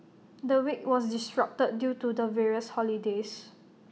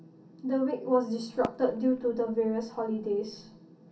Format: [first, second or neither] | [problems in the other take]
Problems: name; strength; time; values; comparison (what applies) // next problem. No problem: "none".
first | background sound (Fireworks); 17 dB below the speech // room echo; dies away in 0.3 s